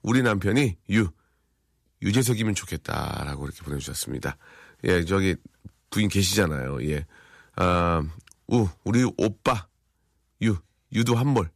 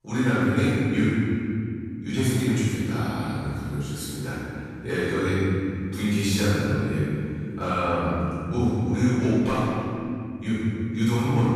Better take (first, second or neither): first